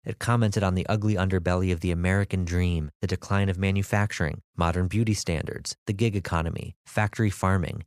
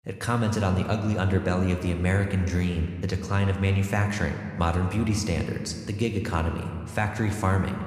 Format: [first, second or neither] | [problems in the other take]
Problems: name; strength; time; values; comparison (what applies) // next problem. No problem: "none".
first | room echo; slight; dies away in 1.6 s